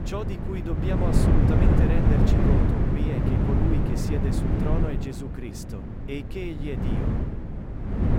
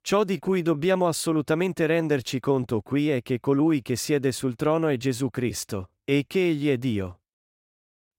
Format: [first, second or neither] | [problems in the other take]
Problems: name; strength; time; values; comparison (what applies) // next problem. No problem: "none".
second | wind noise on the microphone; heavy; 4 dB above the speech